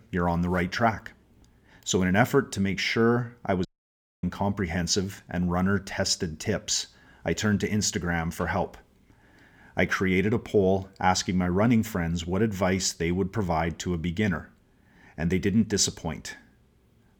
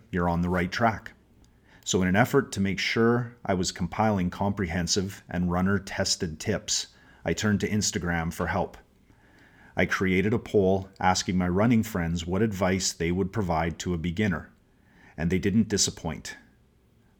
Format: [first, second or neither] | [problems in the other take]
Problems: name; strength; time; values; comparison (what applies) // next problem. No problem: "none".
second | audio cutting out; at 3.5 s for 0.5 s